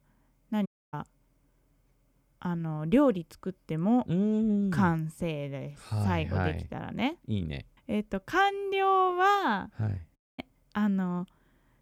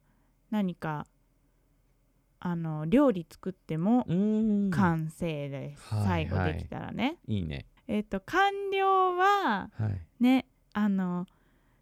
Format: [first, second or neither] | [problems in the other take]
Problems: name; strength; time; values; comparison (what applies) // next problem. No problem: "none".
second | audio cutting out; at 0.5 s and at 10 s